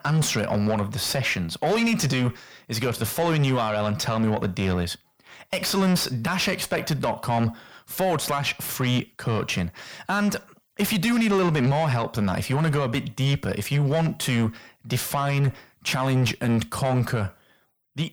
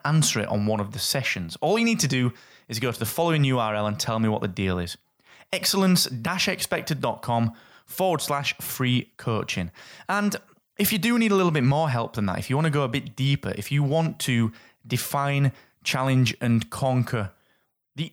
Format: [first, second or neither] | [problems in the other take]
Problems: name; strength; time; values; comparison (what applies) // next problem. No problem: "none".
second | distortion; slight; 10 dB below the speech